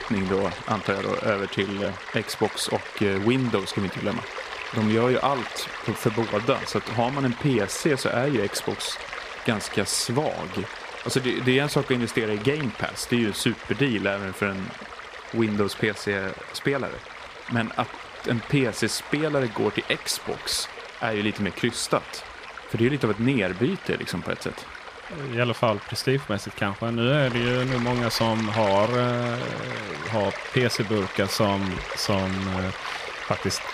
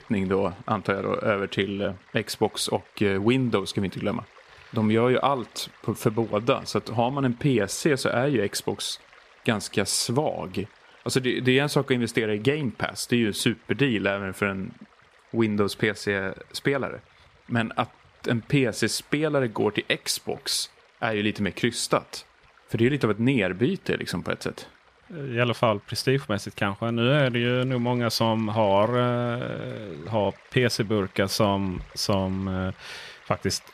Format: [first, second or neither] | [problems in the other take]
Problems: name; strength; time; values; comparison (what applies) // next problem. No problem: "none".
second | rain or running water; loud; throughout; 9 dB below the speech; faint in the second